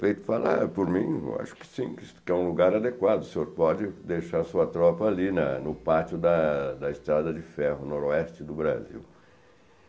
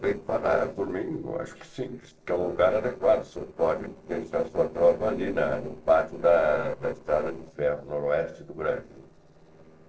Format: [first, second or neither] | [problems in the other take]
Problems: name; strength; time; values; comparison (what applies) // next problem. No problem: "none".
first | noise reduction (neural separator model SepFormer DNS4)